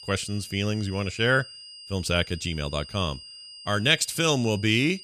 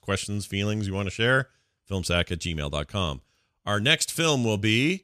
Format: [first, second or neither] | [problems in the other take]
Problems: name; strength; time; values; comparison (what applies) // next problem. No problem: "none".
second | high-pitched whine; noticeable; throughout; 5 kHz, 15 dB below the speech